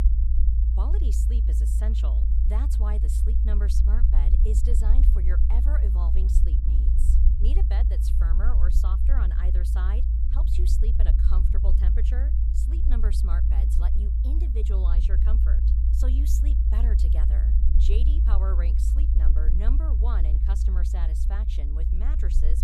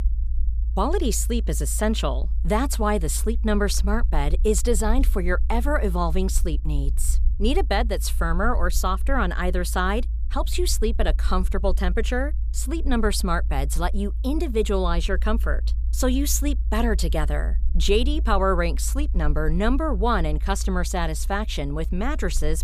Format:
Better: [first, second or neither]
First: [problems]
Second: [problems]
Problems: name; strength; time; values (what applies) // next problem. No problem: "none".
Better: second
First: low rumble; loud; throughout; 1 dB below the speech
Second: low rumble; faint; throughout; 20 dB below the speech